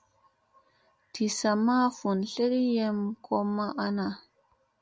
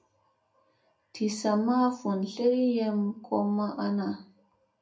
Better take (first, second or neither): first